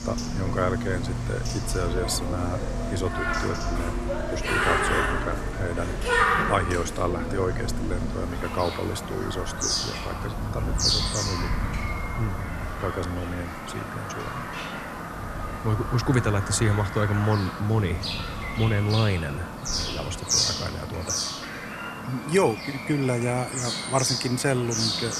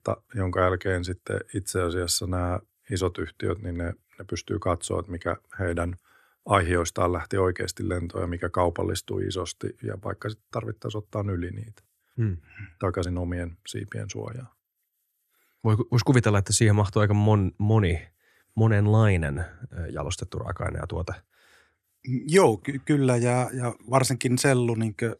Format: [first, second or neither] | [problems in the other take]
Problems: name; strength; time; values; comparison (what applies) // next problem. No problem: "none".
second | animal sounds; very loud; throughout; as loud as the speech